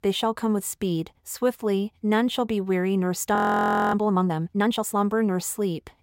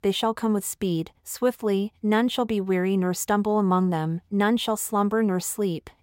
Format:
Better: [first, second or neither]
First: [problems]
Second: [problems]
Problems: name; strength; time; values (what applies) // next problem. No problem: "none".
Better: second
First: audio freezing; at 3.5 s for 0.5 s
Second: none